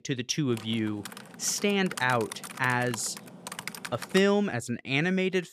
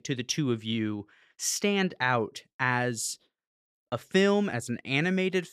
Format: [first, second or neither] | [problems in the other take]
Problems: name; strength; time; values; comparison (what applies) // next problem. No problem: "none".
second | keyboard typing; noticeable; until 4 s; peak 10 dB below the speech